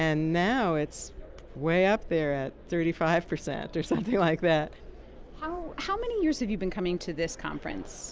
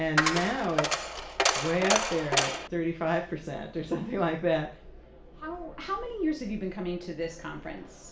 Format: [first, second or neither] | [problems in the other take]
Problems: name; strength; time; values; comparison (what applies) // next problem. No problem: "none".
first | background sound (Coin (dropping)); 3 dB above the speech // room echo; dies away in 0.5 s